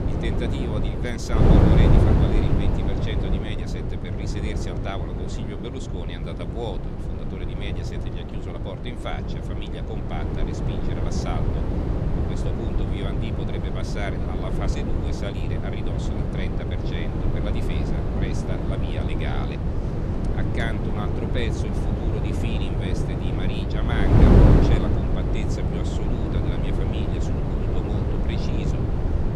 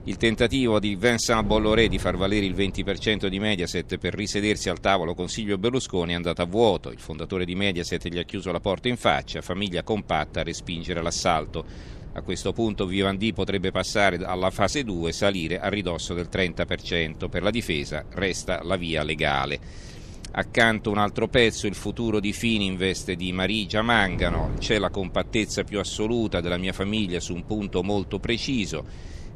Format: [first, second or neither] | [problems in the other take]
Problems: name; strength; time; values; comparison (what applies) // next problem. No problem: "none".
second | wind noise on the microphone; heavy; 4 dB above the speech; occasional gusts in the second